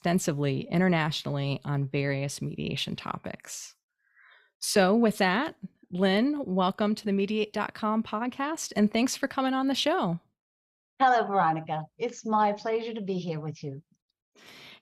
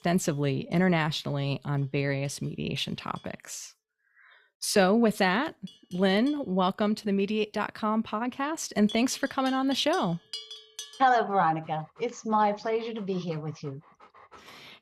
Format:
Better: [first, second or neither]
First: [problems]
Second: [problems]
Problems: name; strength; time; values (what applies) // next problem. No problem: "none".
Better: first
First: none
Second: animal sounds; noticeable; throughout; 20 dB below the speech